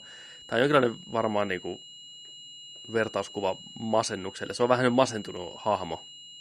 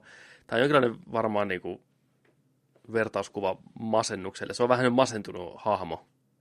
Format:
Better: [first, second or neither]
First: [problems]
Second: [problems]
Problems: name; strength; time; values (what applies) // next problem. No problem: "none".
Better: second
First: high-pitched whine; noticeable; throughout; 3 kHz, 15 dB below the speech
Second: none